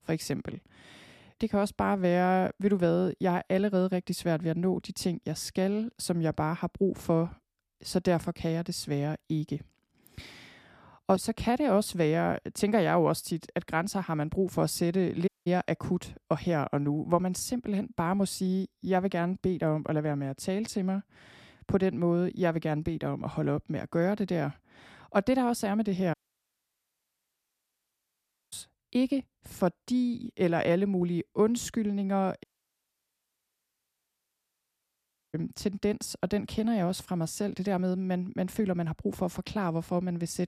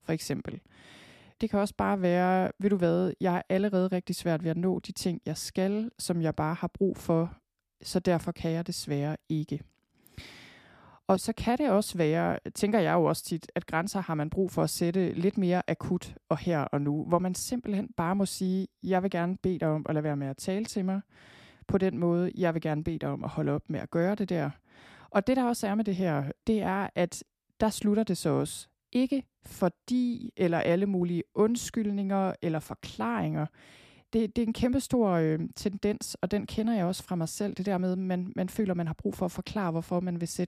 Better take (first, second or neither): second